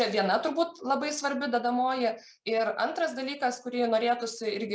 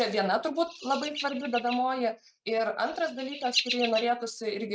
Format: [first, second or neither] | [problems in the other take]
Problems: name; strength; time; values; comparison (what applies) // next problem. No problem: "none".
first | noise reduction (neural mask model RNNoise)